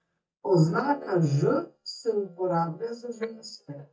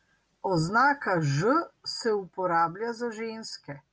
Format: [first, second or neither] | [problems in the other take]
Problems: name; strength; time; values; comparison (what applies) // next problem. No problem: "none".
second | noise reduction (neural mask model DeepFilterNet 3)